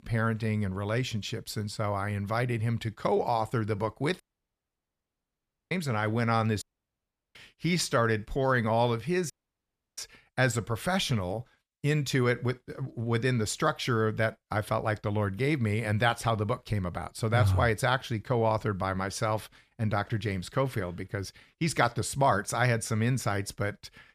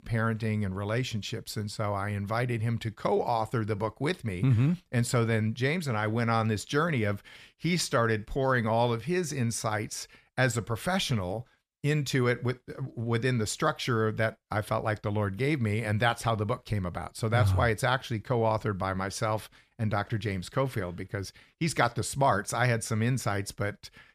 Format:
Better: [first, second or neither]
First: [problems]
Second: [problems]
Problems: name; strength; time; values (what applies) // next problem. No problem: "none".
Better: second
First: audio cutting out; at 4 s for 1.5 s, at 6.5 s for 0.5 s and at 9.5 s for 0.5 s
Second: none